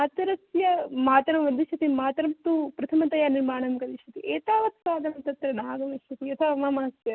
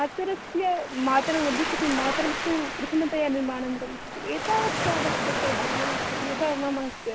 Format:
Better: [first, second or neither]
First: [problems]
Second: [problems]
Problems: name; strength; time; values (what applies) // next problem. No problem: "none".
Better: first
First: none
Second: background sound (Waves, surf); 3 dB below the speech